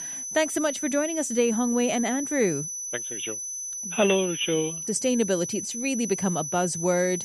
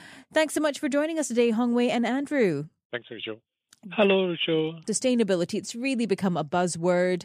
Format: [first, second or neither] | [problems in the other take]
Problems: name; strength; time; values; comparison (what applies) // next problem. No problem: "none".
second | high-pitched whine; loud; throughout; 6 kHz, 5 dB below the speech